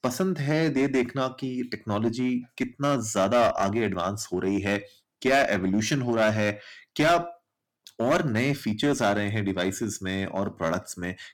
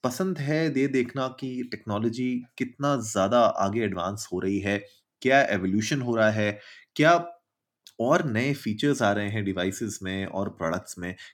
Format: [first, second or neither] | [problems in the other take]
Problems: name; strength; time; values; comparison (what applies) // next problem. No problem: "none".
second | distortion; slight; 6% of the sound clipped